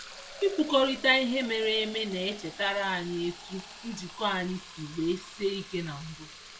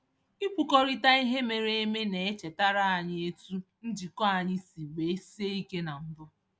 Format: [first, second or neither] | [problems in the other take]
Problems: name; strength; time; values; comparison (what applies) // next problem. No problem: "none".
second | background sound (Fill (with liquid)); 15 dB below the speech // room echo; dies away in 0.2 s